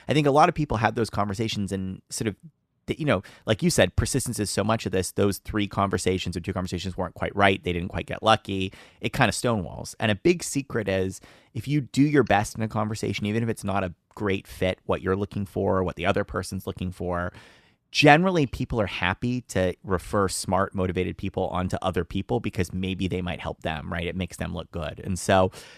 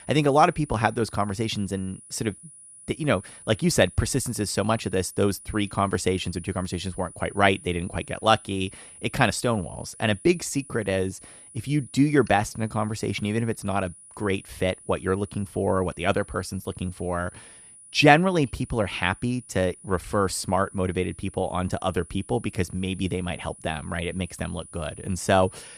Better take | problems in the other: first | high-pitched whine; noticeable; throughout; 10 kHz, 20 dB below the speech

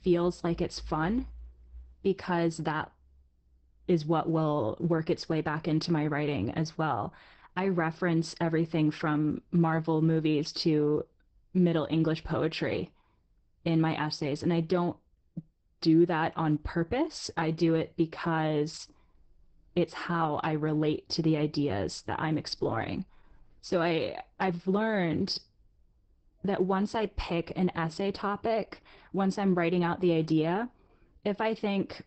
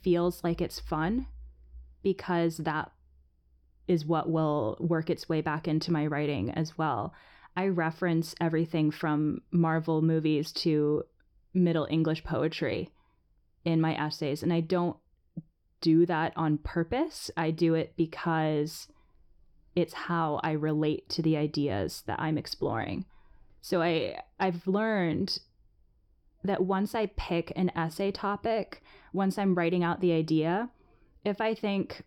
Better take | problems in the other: second | garbled, watery; badly; nothing above 8 kHz

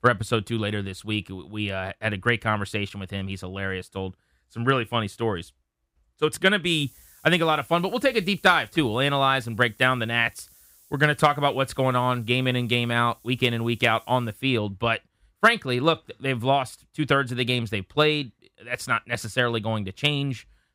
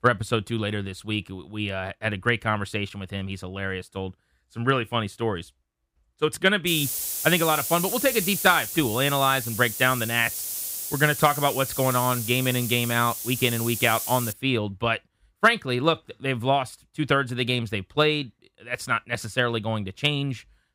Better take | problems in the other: first | hiss; loud; from 6.5 to 14 s; 4 dB below the speech; faint in the first

